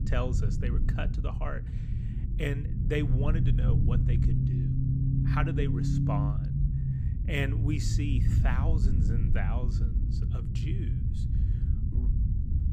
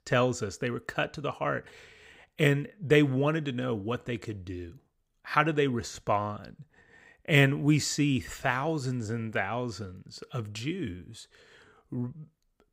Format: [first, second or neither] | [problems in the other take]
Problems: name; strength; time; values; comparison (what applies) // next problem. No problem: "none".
second | low rumble; loud; throughout; 3 dB below the speech